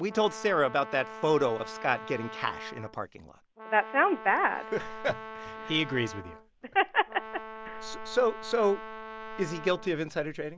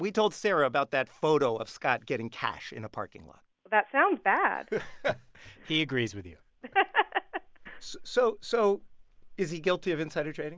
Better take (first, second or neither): second